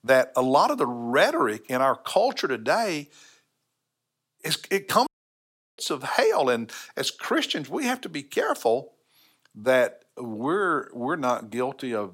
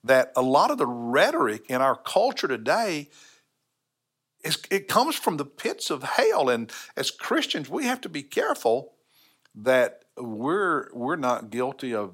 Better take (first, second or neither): second